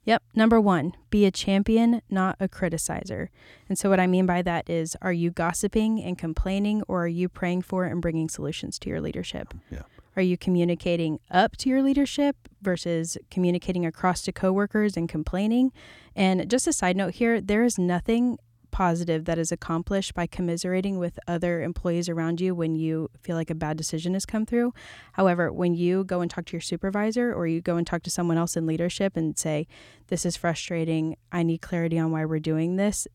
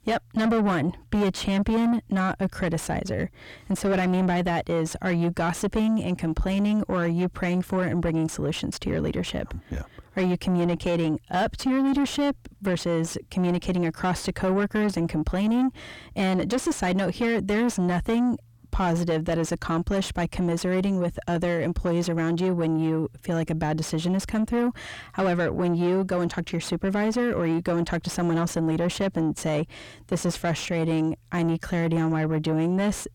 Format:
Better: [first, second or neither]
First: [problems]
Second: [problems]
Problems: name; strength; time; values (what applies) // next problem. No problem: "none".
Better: first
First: none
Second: distortion; heavy; 7 dB below the speech